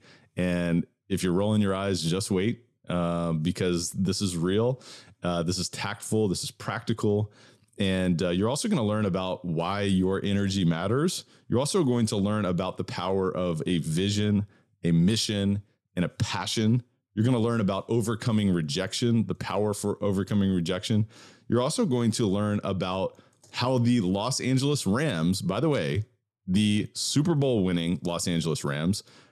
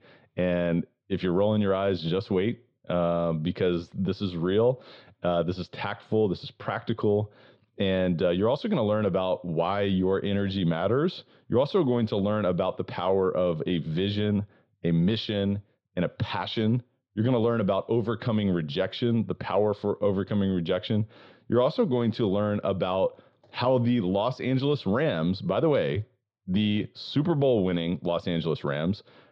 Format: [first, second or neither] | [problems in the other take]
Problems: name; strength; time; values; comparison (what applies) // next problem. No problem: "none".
first | muffled; very; fading above 4 kHz